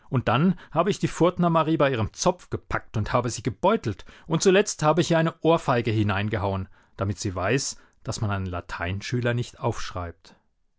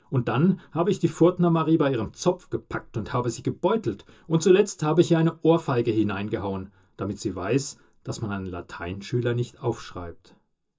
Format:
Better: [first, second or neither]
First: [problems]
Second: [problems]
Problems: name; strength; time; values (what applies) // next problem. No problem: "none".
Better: first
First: none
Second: room echo; dies away in 0.2 s